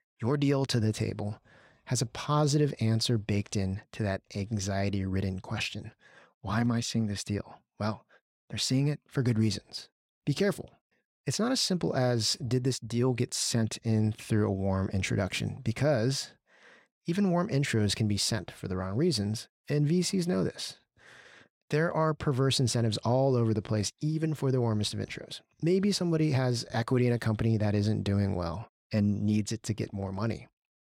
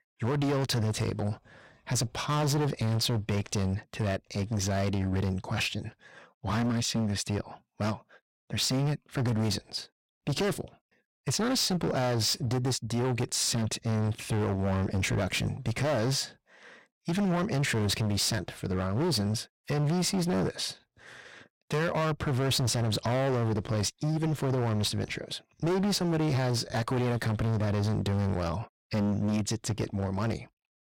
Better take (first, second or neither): first